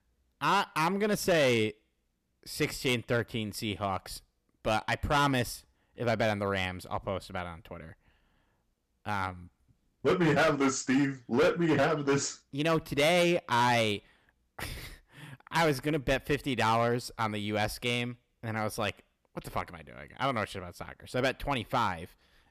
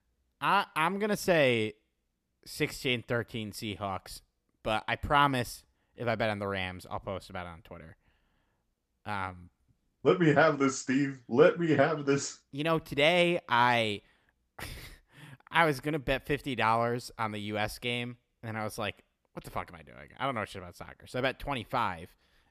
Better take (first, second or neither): second